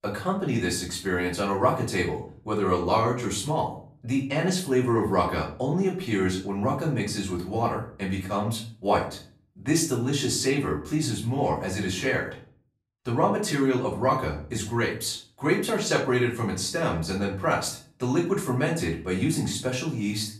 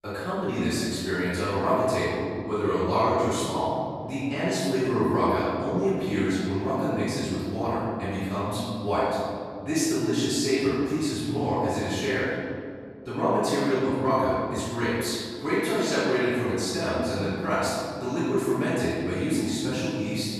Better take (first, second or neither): first